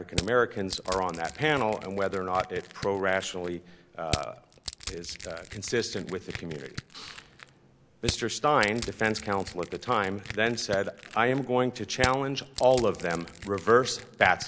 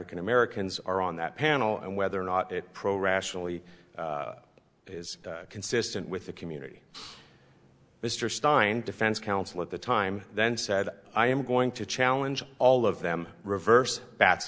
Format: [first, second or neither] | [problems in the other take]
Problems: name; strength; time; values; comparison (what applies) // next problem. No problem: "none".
second | background sound (Crushing); 12 dB below the speech